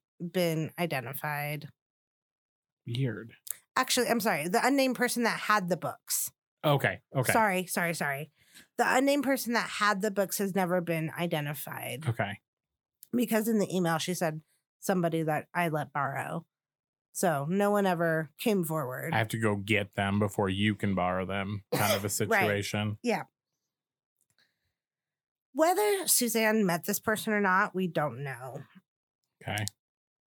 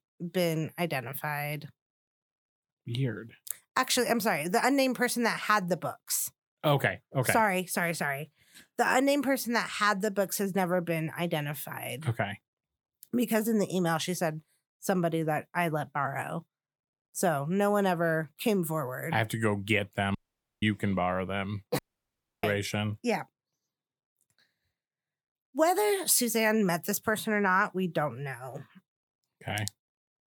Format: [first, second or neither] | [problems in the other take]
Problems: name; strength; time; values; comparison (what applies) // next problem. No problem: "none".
first | audio cutting out; at 20 s and at 22 s for 0.5 s